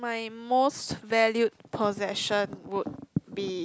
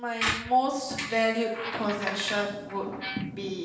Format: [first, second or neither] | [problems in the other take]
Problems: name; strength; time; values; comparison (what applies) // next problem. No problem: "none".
first | background sound (Squeak); 6 dB below the speech // room echo; dies away in 0.9 s